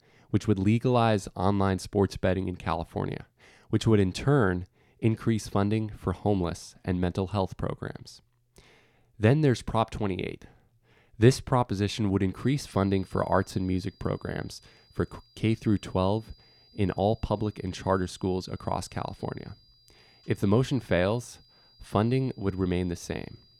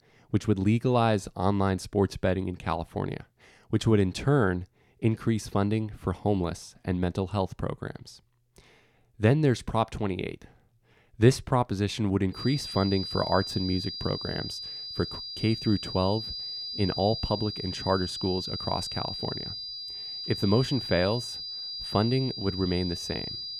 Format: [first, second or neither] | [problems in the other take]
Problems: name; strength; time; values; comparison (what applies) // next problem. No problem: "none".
first | high-pitched whine; loud; from 12 s on; 5 kHz, 6 dB below the speech; faint in the first